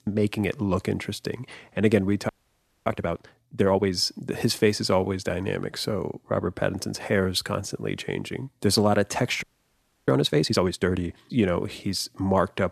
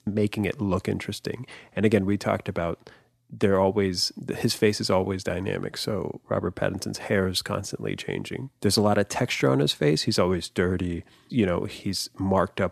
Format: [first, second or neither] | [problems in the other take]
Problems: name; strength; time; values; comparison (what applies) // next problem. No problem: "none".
second | audio freezing; at 2.5 s for 0.5 s and at 9.5 s for 0.5 s